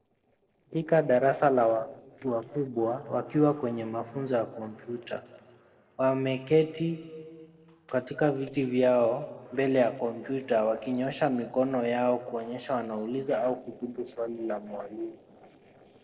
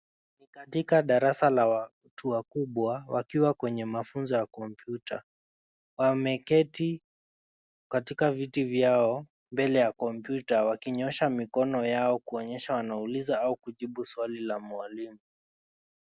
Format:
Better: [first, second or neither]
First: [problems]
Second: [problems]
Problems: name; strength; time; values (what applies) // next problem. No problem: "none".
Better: second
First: noise reduction (neural separator model SepFormer DNS4)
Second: none